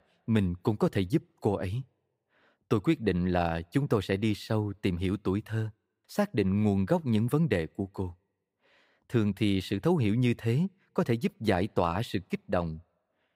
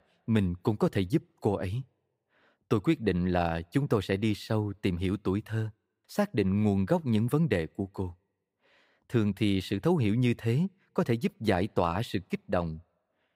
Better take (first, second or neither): neither